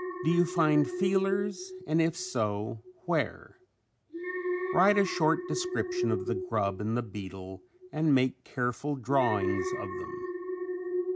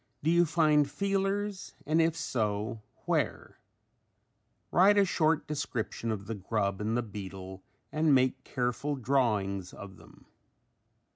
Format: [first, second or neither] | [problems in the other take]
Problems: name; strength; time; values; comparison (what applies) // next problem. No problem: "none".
second | background sound (Alarm); 5 dB below the speech